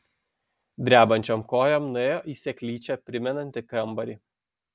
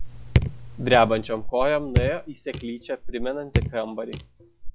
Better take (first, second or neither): first